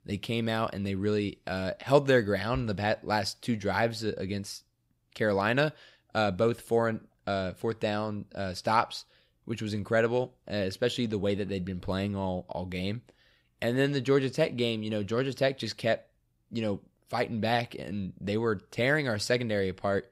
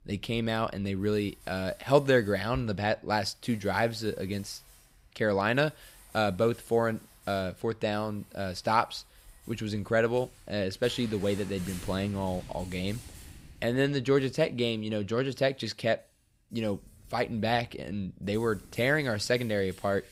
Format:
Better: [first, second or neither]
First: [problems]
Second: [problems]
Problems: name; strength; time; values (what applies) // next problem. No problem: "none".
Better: first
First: none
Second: household noises; faint; throughout; 20 dB below the speech